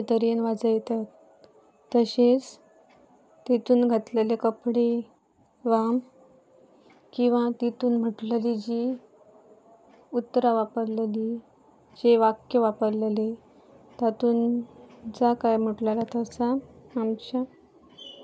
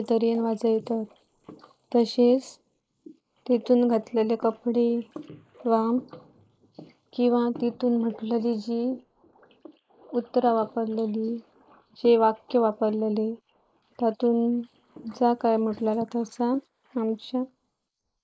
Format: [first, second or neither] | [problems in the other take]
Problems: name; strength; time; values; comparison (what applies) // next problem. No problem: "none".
first | noise reduction (neural mask model Resemble Enhance denoiser)